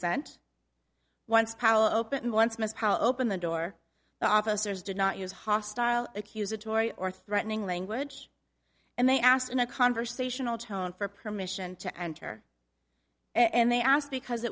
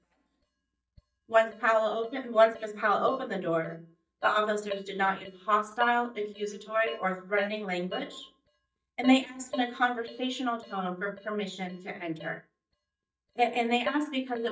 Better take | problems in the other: first | noise reduction (neural mask model DeepFilterNet 3)

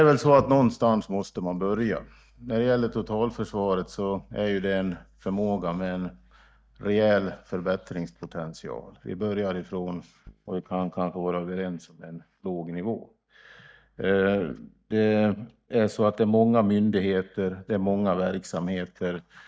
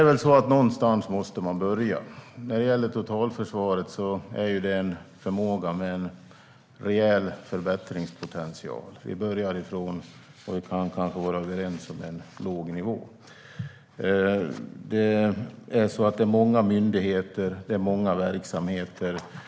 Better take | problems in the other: second | noise reduction (neural mask model DeepFilterNet 3)

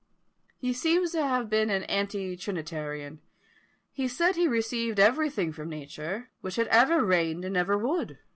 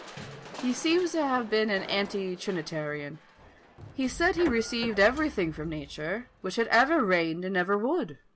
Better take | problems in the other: first | background sound (Printer + Crushing); 17 dB below the speech

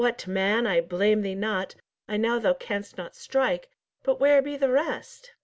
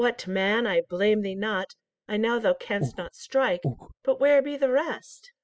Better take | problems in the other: first | noise reduction (classical method spectral subtraction)

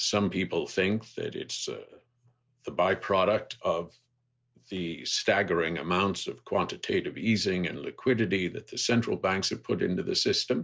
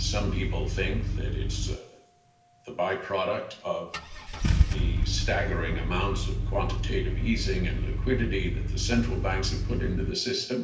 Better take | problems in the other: first | background sound (Engine starting / Car); 3 dB above the speech // room echo; dies away in 0.9 s

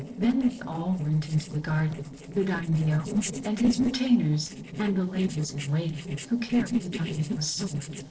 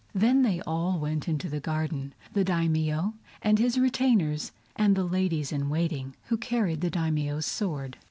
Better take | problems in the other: second | noise reduction (neural separator model SepFormer DNS4)

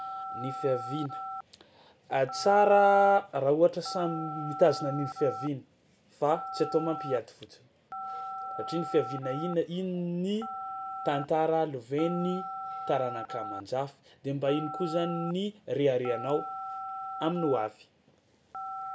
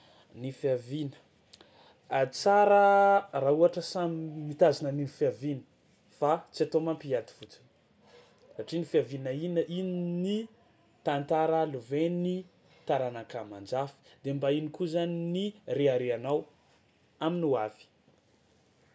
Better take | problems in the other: second | background sound (Telephone); 10 dB below the speech

